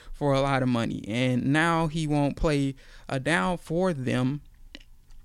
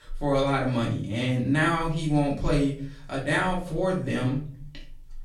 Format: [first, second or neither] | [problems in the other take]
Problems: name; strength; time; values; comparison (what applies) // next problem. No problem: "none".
first | off-mic speech; far // room echo; slight; dies away in 0.4 s